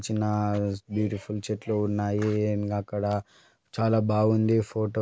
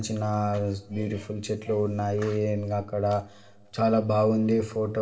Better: first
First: none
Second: room echo; dies away in 1.6 s

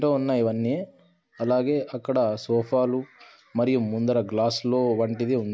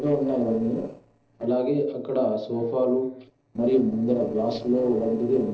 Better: first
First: none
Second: noise reduction (neural separator model SepFormer DNS4)

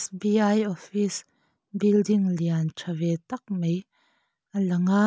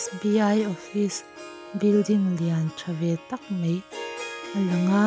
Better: first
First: none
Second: background sound (Harp); 14 dB below the speech

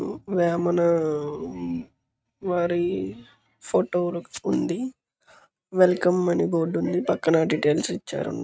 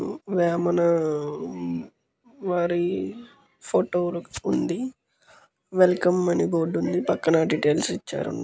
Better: second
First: noise reduction (neural mask model RNNoise)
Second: none

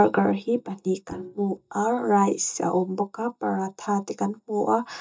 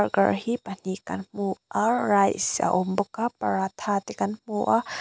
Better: second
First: noise reduction (neural mask model DeepFilterNet 3)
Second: none

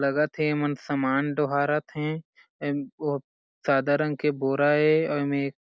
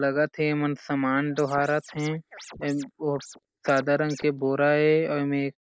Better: first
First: none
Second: noise reduction (neural mask model Resemble Enhance denoiser)

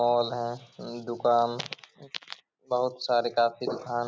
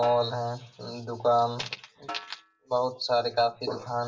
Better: first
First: none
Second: background sound (Snare drum); 19 dB below the speech // room echo; dies away in 0.2 s

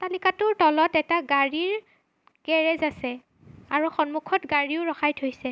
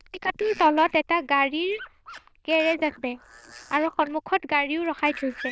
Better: first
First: none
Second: noise reduction (neural diffusion model UNIVERSE++)

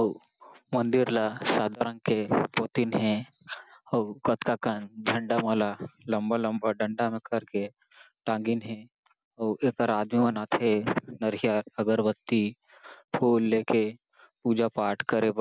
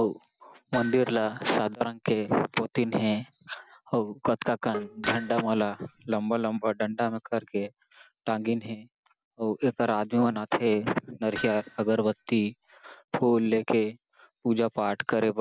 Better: first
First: none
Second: background sound (Hammer + Bowed string instrument); 14 dB below the speech

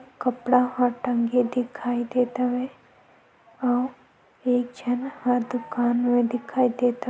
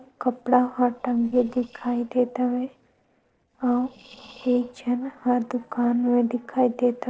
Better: first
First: none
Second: noise reduction (neural separator model SepFormer DNS4)

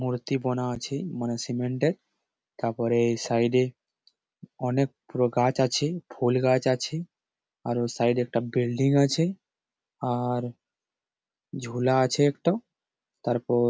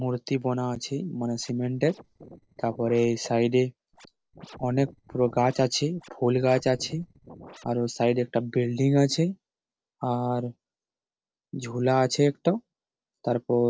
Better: first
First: none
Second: noise reduction (neural separator model SepFormer DNS4)

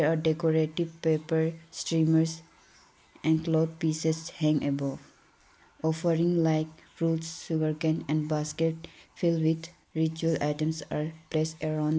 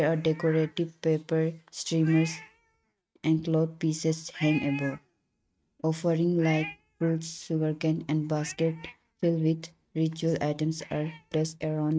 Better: first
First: none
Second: noise reduction (neural mask model RNNoise)

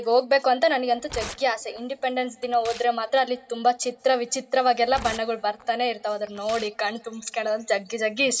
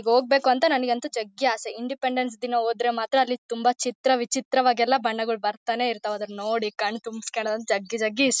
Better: second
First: background sound (Tearing); 19 dB below the speech // room echo; dies away in 1.6 s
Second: none

